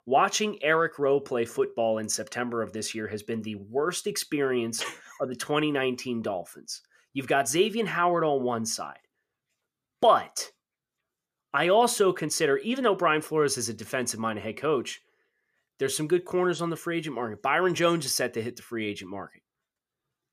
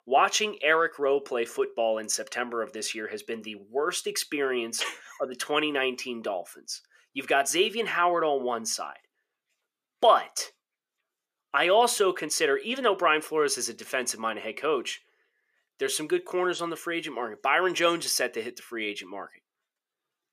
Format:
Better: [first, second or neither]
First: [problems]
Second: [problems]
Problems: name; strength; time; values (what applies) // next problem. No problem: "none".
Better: first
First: none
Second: thin; somewhat; fading below 350 Hz